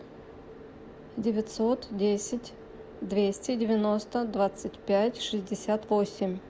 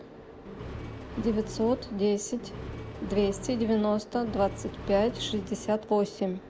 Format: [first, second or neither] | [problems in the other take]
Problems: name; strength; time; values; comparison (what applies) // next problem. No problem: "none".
first | background sound (Accelerating, revving, vroom); 11 dB below the speech